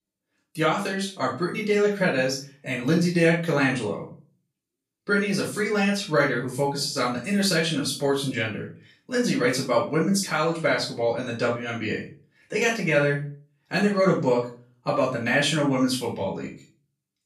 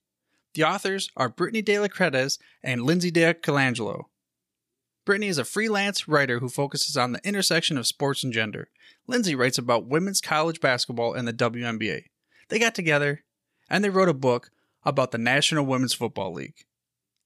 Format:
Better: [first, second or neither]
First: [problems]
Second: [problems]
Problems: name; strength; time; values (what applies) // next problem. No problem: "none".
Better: second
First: off-mic speech; far // room echo; noticeable; dies away in 0.3 s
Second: none